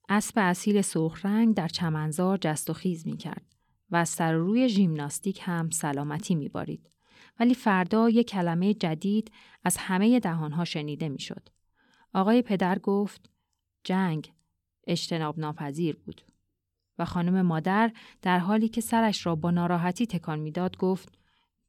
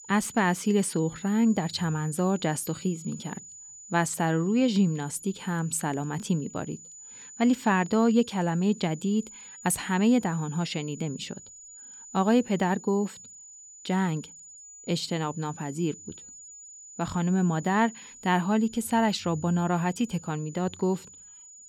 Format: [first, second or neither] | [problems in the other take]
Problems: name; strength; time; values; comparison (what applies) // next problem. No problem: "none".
first | high-pitched whine; noticeable; throughout; 7 kHz, 15 dB below the speech